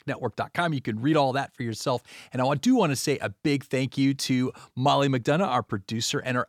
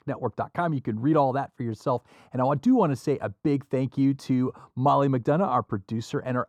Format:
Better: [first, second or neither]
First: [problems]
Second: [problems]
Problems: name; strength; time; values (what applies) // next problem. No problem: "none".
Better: first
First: none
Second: muffled; very; fading above 1.5 kHz